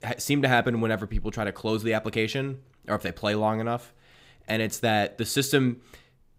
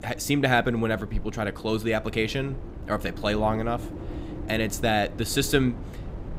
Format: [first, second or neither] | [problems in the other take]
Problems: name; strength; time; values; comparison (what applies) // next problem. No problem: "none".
first | wind noise on the microphone; occasional gusts; 20 dB below the speech